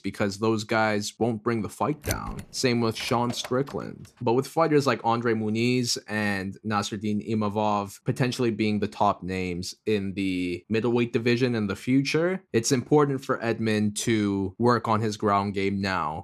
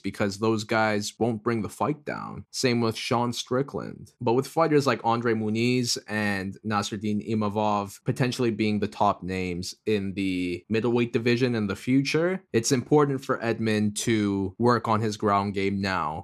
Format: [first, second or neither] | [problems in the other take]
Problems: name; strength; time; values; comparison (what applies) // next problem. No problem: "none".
second | door banging; noticeable; from 2 to 3.5 s; peak 8 dB below the speech